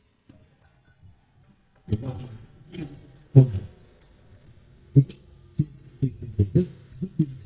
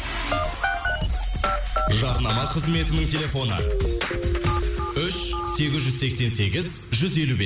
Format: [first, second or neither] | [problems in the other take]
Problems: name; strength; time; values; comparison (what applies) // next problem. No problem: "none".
second | noise reduction (neural mask model DeepFilterNet 3)